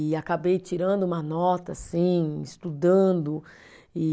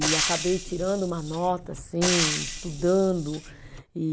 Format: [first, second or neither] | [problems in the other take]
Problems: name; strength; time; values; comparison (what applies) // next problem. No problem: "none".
first | background sound (Frying (food)); 3 dB below the speech